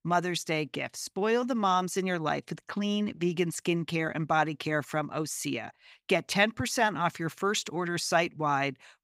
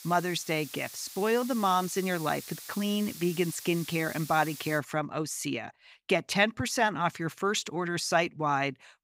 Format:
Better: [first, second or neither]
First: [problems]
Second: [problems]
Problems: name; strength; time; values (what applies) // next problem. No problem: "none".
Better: first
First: none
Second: hiss; noticeable; until 5 s; 15 dB below the speech